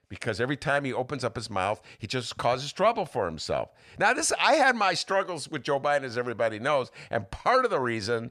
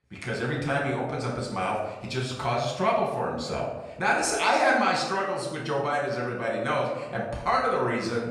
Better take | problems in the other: first | off-mic speech; far // room echo; noticeable; dies away in 0.8 s

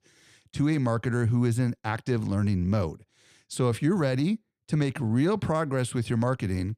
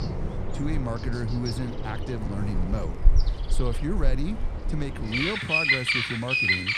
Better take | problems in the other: first | animal sounds; very loud; throughout; 4 dB above the speech

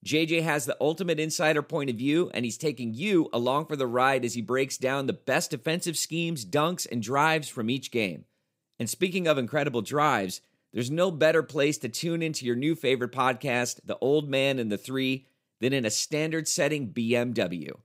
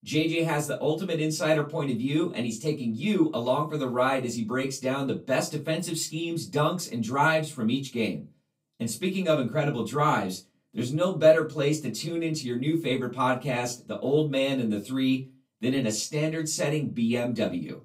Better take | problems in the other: first | off-mic speech; far // room echo; very slight; dies away in 0.2 s

